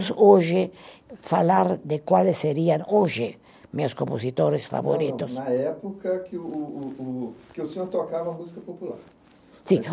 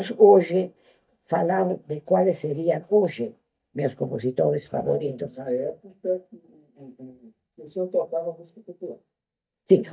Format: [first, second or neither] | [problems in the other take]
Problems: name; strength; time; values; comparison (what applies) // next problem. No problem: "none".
first | noise reduction (neural mask model DeepFilterNet 3)